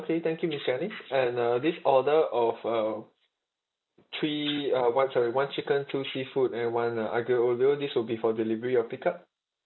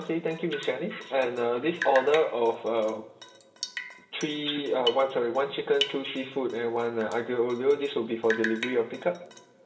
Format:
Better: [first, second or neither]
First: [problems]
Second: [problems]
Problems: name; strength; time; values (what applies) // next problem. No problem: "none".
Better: first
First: none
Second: background sound (Drip); 11 dB below the speech // room echo; dies away in 2.6 s